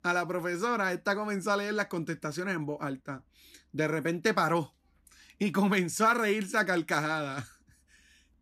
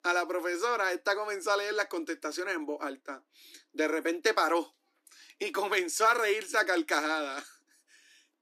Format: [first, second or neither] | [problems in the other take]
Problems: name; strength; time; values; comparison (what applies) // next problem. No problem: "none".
first | thin; very; fading below 300 Hz